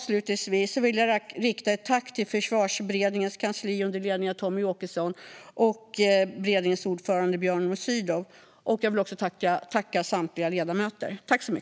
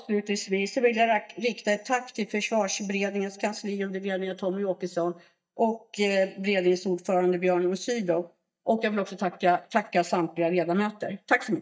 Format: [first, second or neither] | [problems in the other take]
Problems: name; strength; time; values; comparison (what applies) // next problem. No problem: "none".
first | noise reduction (neural mask model DeepFilterNet 3)